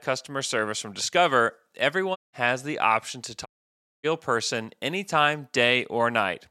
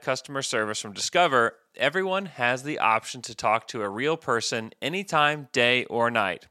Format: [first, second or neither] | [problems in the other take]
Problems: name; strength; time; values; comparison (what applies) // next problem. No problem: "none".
second | audio cutting out; at 2 s and at 3.5 s for 0.5 s